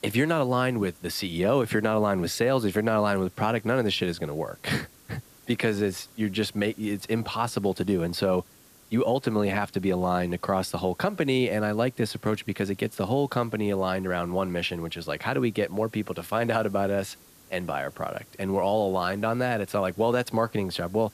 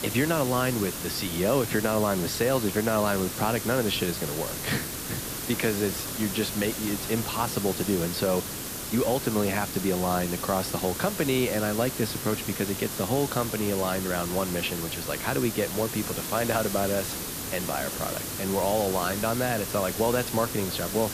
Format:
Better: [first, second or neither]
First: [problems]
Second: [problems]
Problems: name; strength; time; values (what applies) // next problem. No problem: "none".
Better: first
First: hiss; faint; throughout; 25 dB below the speech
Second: hiss; loud; throughout; 4 dB below the speech